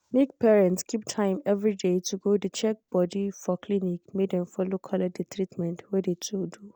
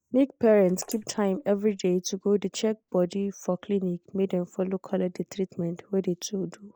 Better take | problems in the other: first | noise reduction (neural mask model Resemble Enhance denoiser)

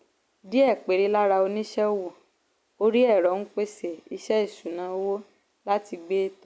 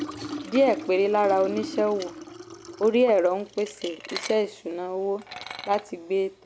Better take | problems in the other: first | background sound (Liquid); 13 dB below the speech

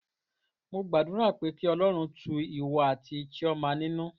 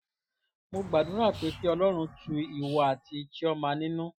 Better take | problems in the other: first | noise reduction (classical method Wiener filter)

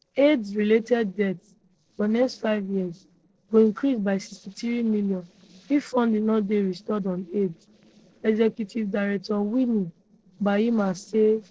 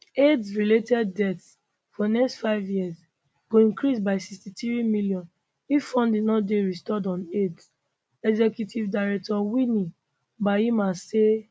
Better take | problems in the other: second | noise reduction (neural separator model SepFormer DNS4)

